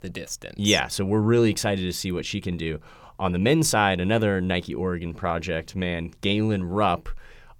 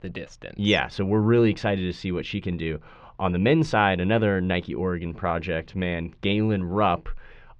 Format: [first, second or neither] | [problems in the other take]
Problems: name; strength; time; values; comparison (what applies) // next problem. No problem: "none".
first | muffled; slightly; fading above 3.5 kHz